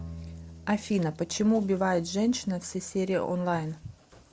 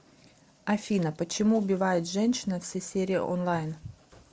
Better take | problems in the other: second | background sound (Bowed string instrument); 19 dB below the speech

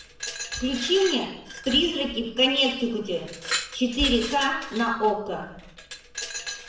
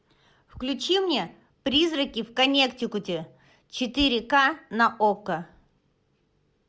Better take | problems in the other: second | background sound (Glass); 10 dB below the speech // room echo; dies away in 0.7 s

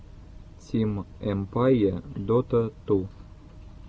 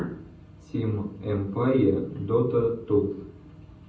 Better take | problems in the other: first | room echo; dies away in 0.6 s

